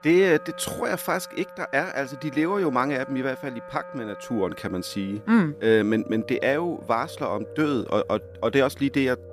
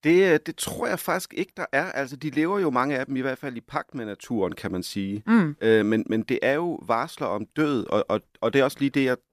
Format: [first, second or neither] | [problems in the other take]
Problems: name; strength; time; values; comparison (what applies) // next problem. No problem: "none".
second | background music; noticeable; throughout; 15 dB below the speech